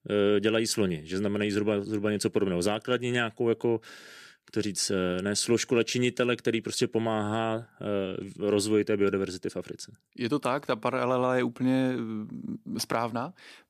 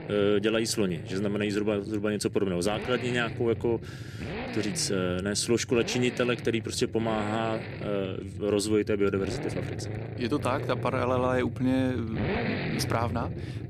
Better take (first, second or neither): first